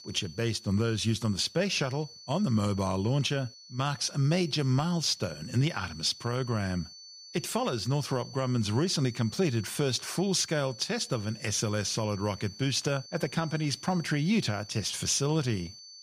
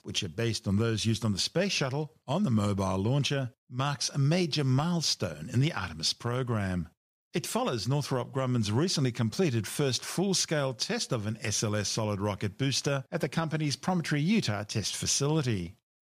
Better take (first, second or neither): second